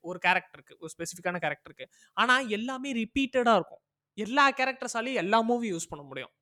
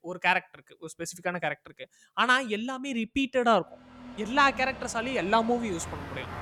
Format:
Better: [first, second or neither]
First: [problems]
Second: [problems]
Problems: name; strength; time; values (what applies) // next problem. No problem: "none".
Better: first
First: none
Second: traffic noise; noticeable; from 4.5 s on; 15 dB below the speech